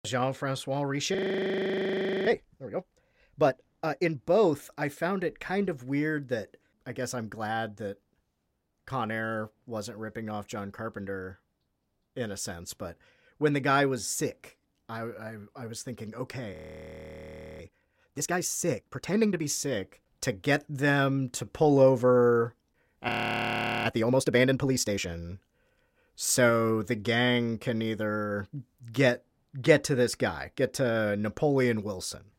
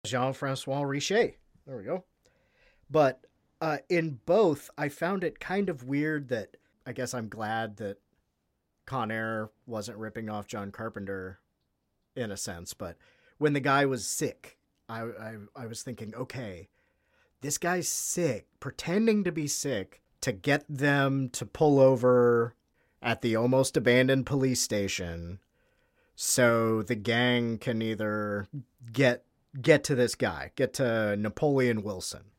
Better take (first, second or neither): second